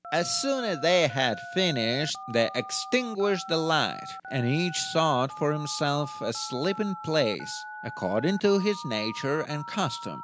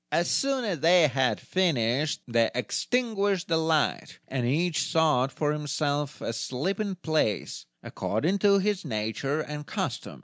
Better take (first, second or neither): second